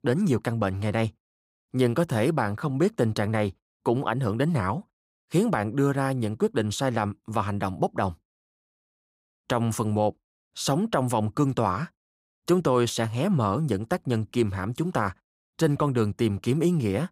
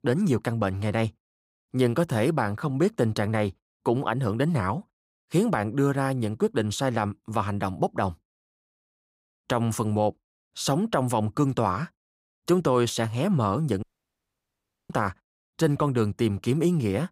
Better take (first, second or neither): first